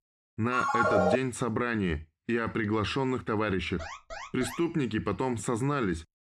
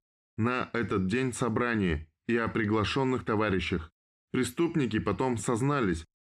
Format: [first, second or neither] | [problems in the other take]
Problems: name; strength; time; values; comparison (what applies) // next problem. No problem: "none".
second | phone ringing; loud; at 0.5 s; peak 5 dB above the speech // alarm; faint; at 4 s; peak 10 dB below the speech